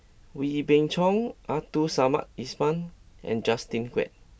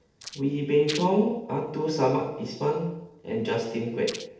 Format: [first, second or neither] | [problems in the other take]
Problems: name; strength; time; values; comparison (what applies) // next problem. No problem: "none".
first | noise reduction (neural separator model SepFormer DNS4)